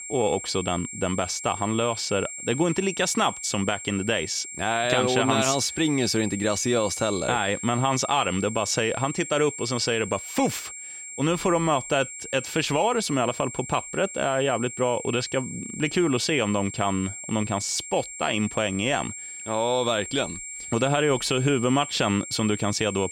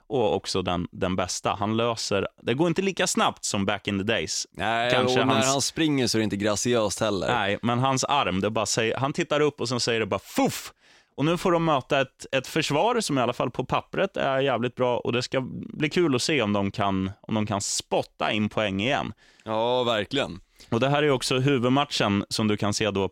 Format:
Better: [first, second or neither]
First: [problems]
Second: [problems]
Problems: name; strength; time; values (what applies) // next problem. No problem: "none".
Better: second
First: high-pitched whine; loud; throughout; 7.5 kHz, 10 dB below the speech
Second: none